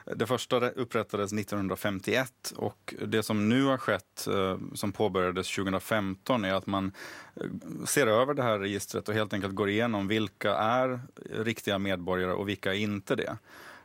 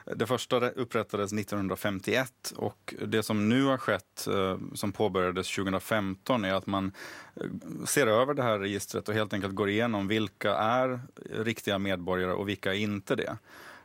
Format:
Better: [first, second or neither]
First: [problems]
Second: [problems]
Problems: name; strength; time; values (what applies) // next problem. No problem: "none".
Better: neither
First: none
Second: none